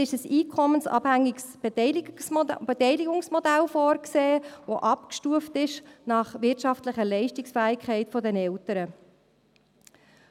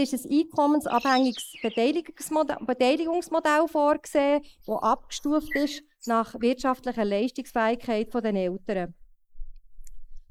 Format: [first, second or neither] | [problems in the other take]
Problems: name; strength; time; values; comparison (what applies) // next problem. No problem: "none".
first | noise reduction (neural mask model Resemble Enhance denoiser)